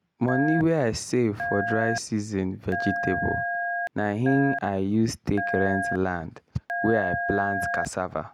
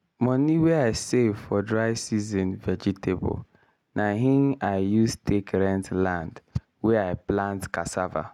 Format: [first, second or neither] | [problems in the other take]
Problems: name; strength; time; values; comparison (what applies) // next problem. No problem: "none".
second | background sound (Telephone); 4 dB below the speech